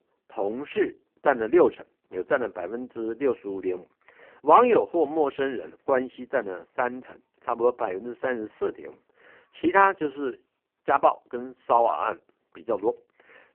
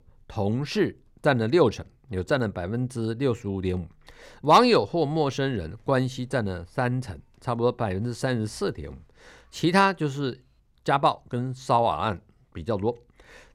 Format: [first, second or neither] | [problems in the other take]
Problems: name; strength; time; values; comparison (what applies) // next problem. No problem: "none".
second | phone-call audio; poor line